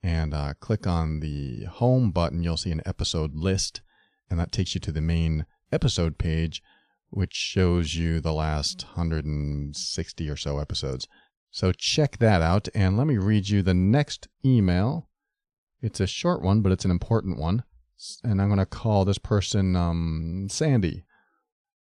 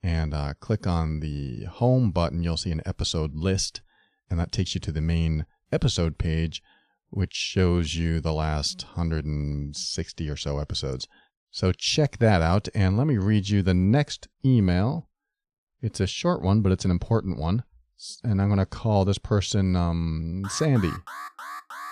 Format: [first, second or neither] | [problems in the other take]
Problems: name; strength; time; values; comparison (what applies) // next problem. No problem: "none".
first | alarm; faint; from 20 s on; peak 10 dB below the speech